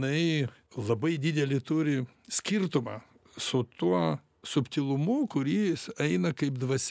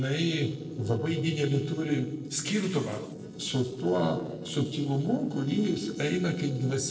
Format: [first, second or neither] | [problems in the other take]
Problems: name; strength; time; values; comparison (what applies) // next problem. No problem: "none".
first | noise reduction (neural separator model SepFormer DNS4)